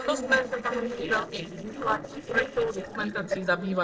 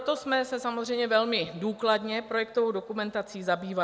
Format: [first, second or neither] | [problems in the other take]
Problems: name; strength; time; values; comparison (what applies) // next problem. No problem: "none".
second | noise reduction (neural separator model SepFormer DNS4)